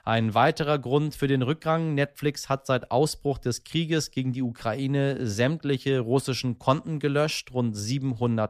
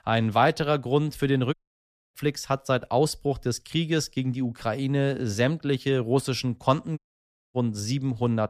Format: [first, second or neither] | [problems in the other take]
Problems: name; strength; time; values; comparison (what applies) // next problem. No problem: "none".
first | audio cutting out; at 1.5 s for 0.5 s and at 7 s for 0.5 s